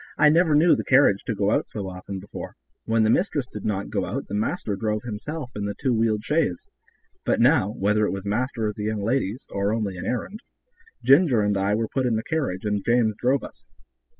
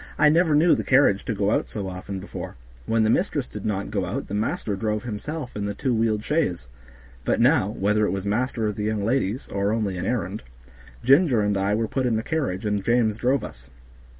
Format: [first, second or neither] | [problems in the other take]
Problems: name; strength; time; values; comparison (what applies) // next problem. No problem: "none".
second | noise reduction (classical method spectral subtraction)